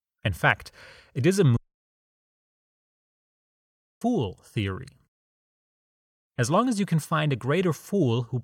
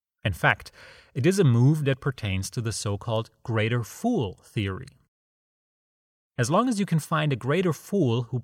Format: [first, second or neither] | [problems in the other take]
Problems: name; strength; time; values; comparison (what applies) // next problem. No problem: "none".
second | audio cutting out; at 1.5 s for 2.5 s